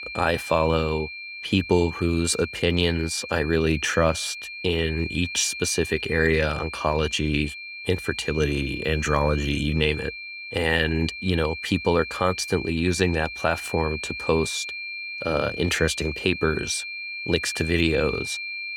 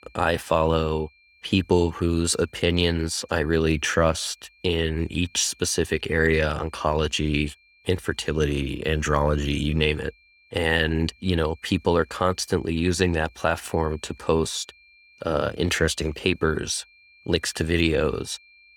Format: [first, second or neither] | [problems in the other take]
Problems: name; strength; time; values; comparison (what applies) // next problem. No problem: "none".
second | high-pitched whine; loud; throughout; 2.5 kHz, 8 dB below the speech; faint in the second